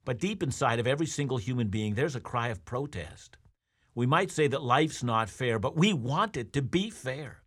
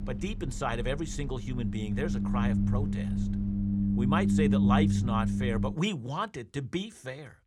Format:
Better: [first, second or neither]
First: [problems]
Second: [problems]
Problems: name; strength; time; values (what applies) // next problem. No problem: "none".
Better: first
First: none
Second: low rumble; loud; until 5.5 s; 2 dB below the speech